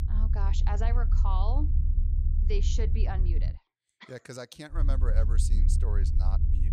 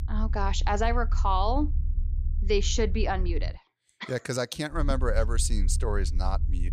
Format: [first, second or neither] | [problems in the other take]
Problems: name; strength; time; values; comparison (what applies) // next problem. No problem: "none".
second | low rumble; loud; until 3.5 s and from 5 s on; 7 dB below the speech; faint in the second